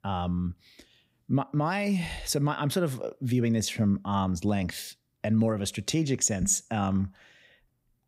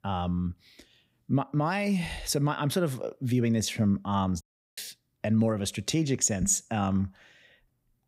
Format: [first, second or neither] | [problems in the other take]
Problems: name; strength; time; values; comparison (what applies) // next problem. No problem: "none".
first | audio cutting out; at 4.5 s